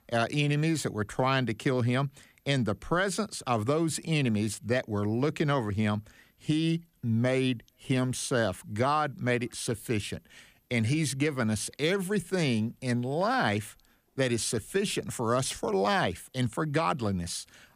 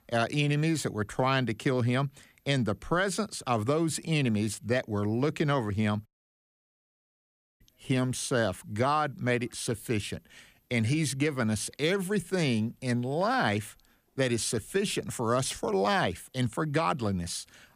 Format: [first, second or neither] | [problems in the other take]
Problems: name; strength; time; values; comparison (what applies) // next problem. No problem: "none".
first | audio cutting out; at 6 s for 1.5 s